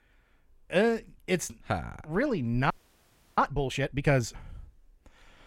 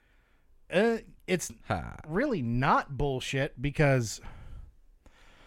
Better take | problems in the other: second | audio freezing; at 2.5 s for 0.5 s

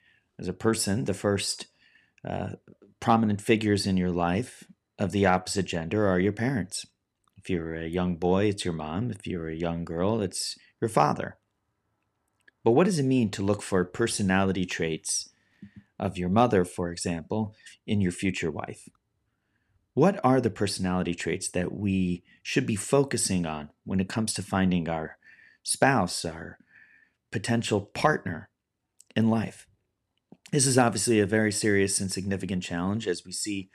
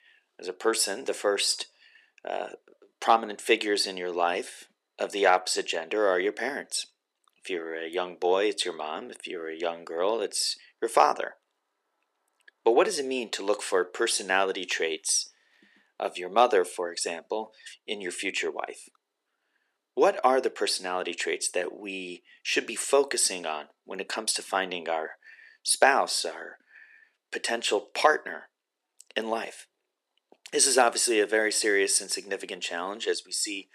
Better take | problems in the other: first | thin; very; fading below 400 Hz

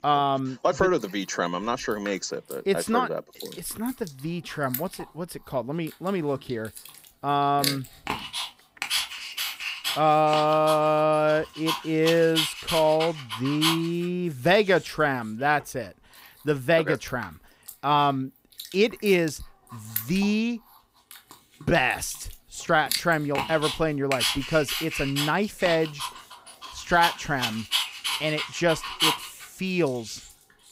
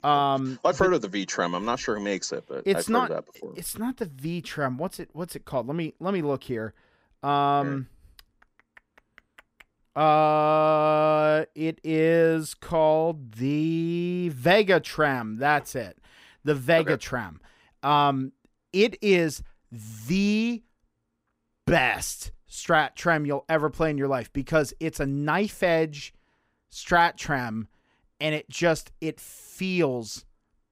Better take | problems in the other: second | animal sounds; loud; throughout; 4 dB below the speech

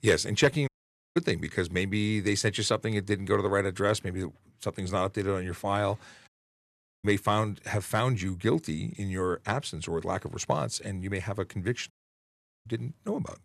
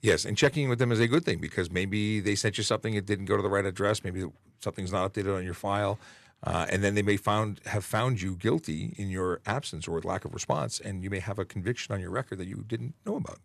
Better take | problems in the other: second | audio cutting out; at 0.5 s, at 6.5 s for 1 s and at 12 s for 1 s

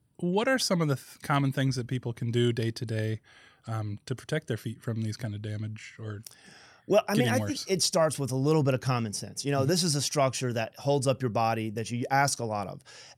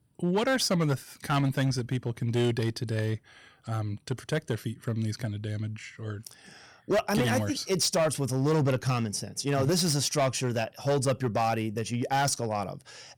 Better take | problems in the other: first | distortion; slight; 6% of the sound clipped

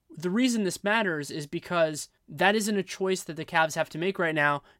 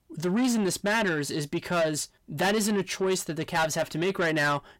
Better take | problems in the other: first | distortion; heavy; 8 dB below the speech

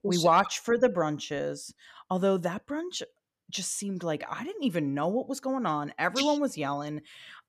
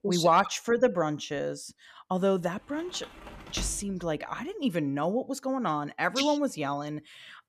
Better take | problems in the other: first | door banging; noticeable; from 3 to 4 s; peak 10 dB below the speech

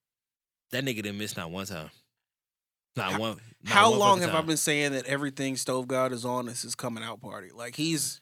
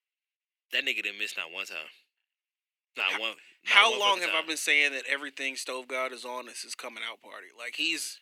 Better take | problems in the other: first | thin; somewhat; fading below 300 Hz

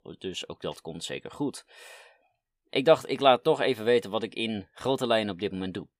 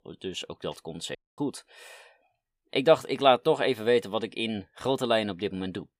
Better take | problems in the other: first | audio cutting out; at 1 s

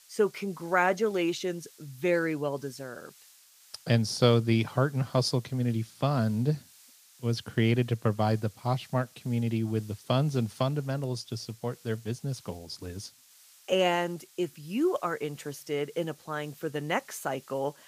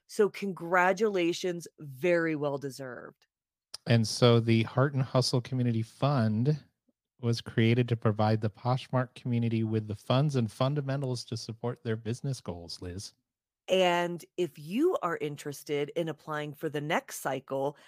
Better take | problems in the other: second | hiss; faint; throughout; 25 dB below the speech

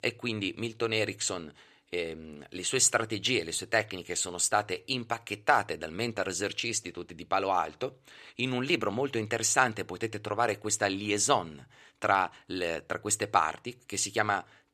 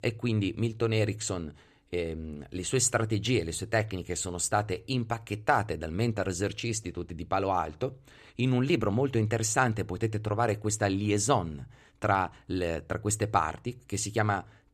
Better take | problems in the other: second | thin; somewhat; fading below 450 Hz

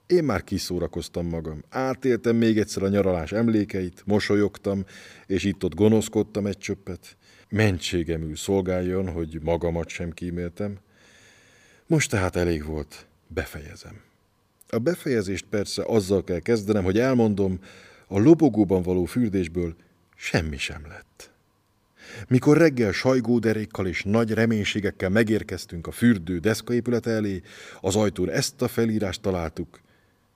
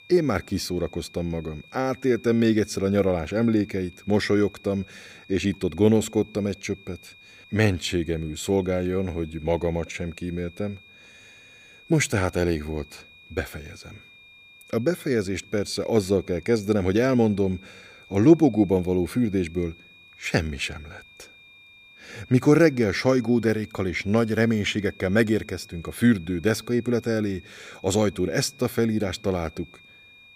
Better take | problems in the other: first | high-pitched whine; faint; throughout; 2.5 kHz, 25 dB below the speech

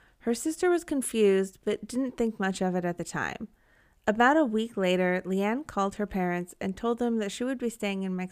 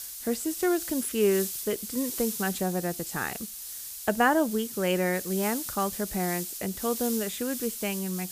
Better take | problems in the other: first | hiss; loud; throughout; 5 dB below the speech

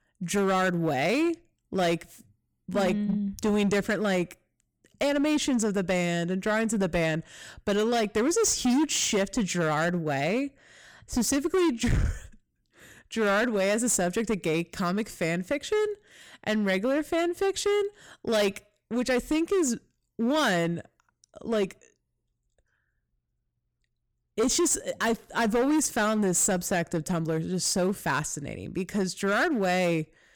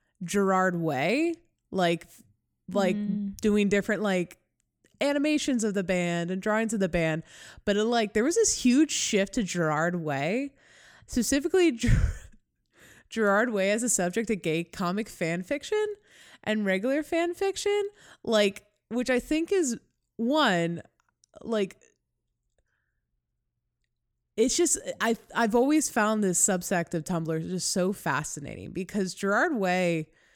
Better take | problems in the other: second | distortion; slight; 10% of the sound clipped

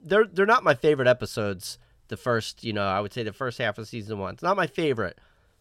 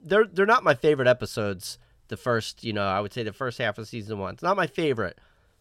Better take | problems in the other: neither | none

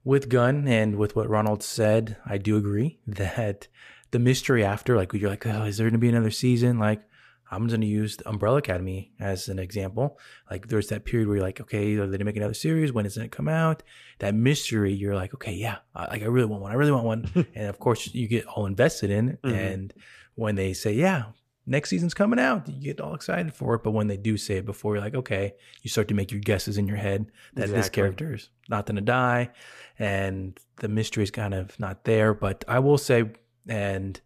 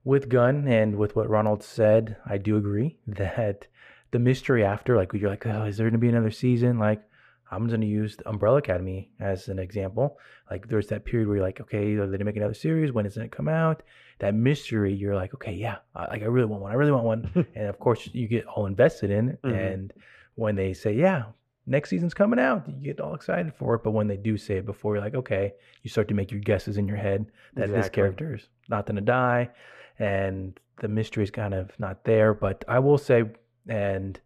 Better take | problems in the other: first | muffled; slightly; fading above 3.5 kHz

